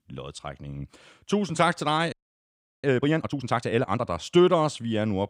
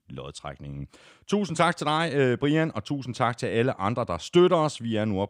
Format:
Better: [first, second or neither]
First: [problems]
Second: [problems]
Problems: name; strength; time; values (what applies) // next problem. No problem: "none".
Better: second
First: audio freezing; at 2 s for 0.5 s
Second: none